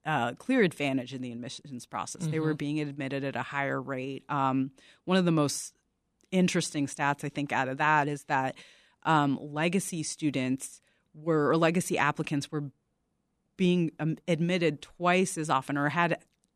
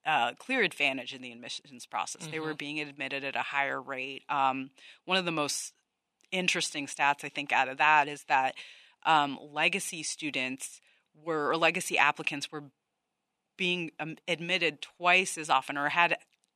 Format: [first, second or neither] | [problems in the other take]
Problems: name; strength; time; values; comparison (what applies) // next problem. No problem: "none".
first | thin; somewhat; fading below 650 Hz